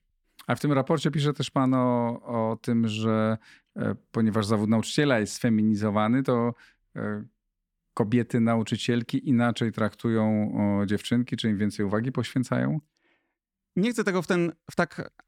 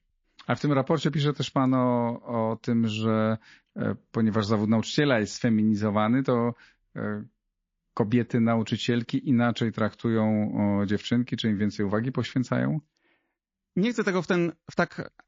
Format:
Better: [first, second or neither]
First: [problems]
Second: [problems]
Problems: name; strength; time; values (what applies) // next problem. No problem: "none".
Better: first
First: none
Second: garbled, watery; slightly; nothing above 16 kHz